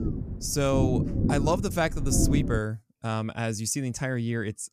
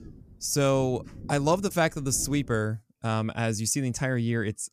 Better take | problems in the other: second | low rumble; loud; until 2.5 s; 5 dB below the speech; faint in the second

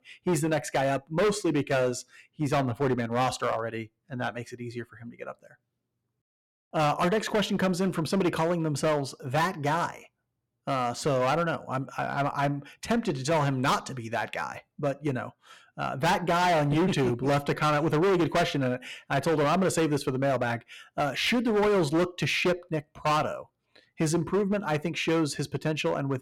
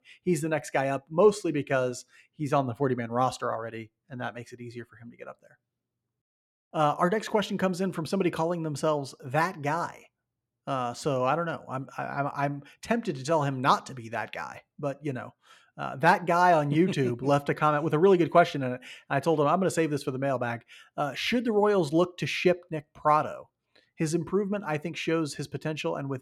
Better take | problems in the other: second | distortion; heavy; 11% of the sound clipped

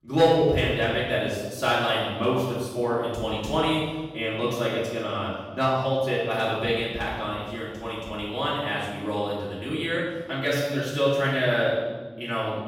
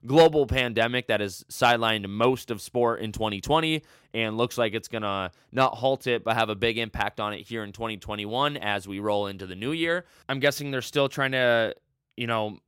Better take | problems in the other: second | room echo; strong; dies away in 1.2 s // off-mic speech; far

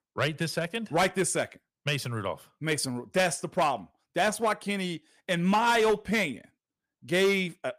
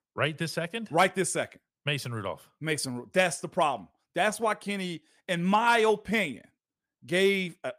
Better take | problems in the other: second | distortion; slight; 5% of the sound clipped

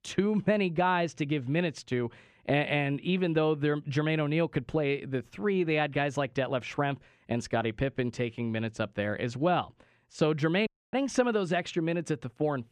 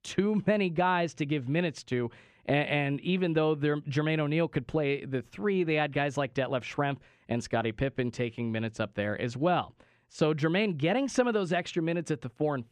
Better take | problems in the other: second | audio cutting out; at 11 s

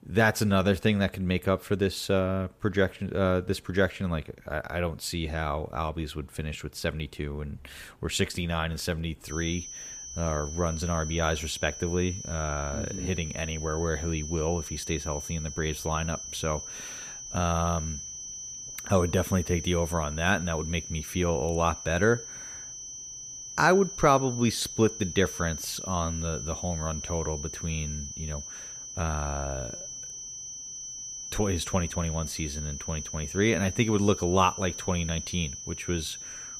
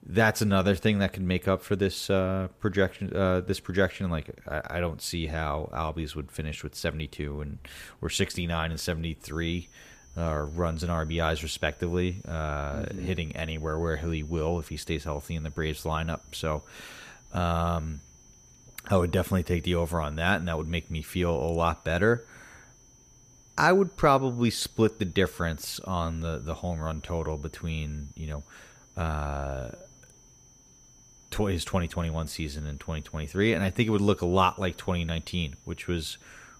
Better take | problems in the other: second | high-pitched whine; loud; from 9.5 s on; 6 kHz, 8 dB below the speech; faint in the second

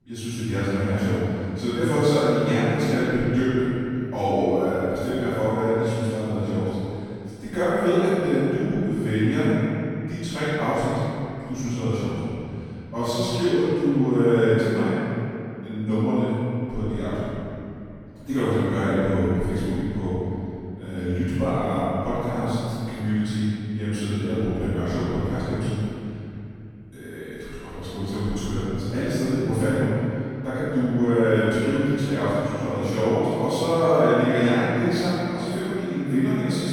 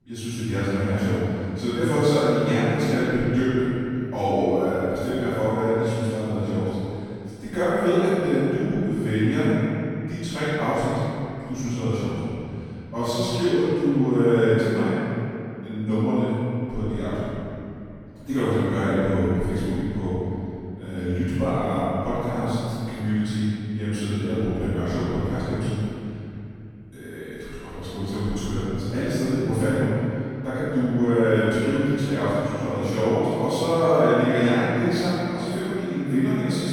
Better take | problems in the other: neither | off-mic speech; far; the same in both // room echo; strong; dies away in 2.8 s; the same in both

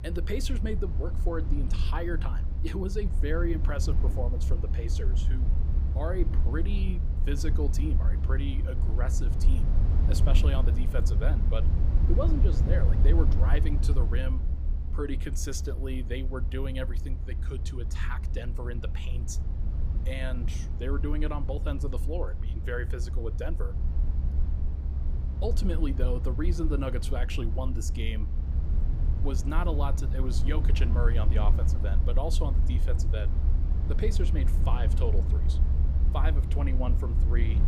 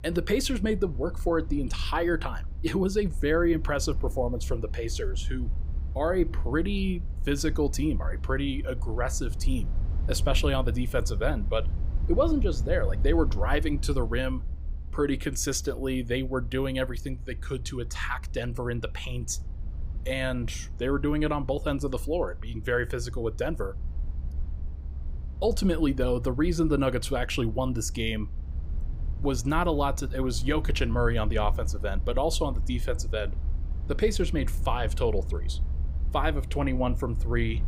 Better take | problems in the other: second | low rumble; loud; throughout; 7 dB below the speech; faint in the second

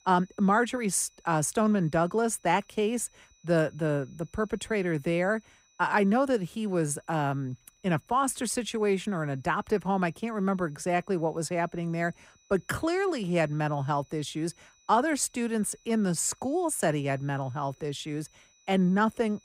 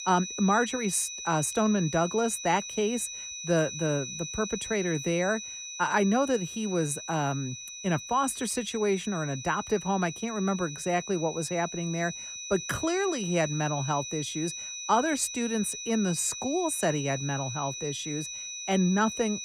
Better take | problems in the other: first | high-pitched whine; loud; throughout; 6 kHz, 7 dB below the speech; faint in the first

